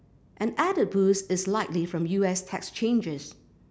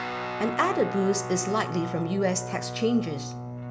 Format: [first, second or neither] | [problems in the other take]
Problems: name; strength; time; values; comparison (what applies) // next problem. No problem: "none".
first | background sound (Guitar); 6 dB below the speech // room echo; dies away in 0.4 s